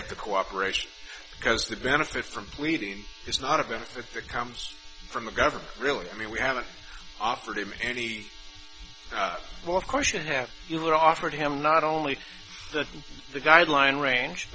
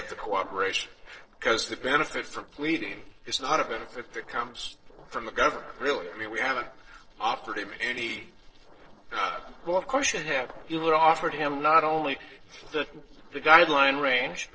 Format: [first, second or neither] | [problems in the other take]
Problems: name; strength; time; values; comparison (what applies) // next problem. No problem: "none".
first | noise reduction (neural separator model SepFormer DNS4)